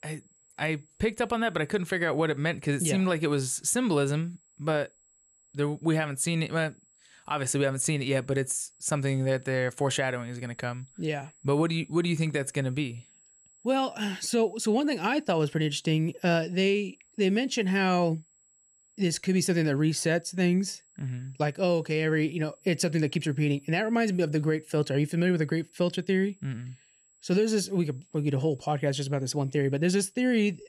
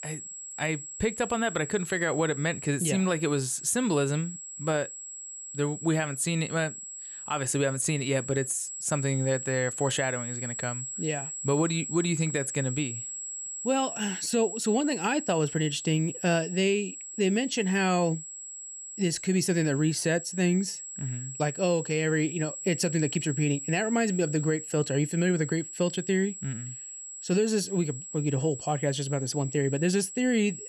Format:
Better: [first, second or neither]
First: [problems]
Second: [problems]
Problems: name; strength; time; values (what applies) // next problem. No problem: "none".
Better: first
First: high-pitched whine; faint; throughout; 7.5 kHz, 30 dB below the speech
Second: high-pitched whine; loud; throughout; 7.5 kHz, 8 dB below the speech